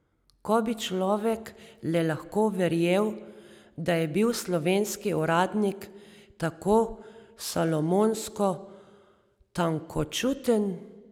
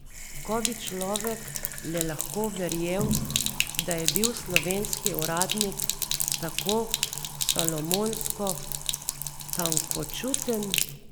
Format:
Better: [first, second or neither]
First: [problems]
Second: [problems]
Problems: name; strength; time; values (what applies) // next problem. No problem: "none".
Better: first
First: none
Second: background sound (Sink (filling or washing)); 2 dB above the speech